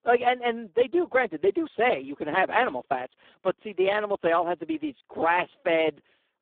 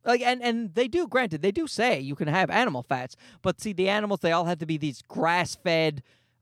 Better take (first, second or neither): second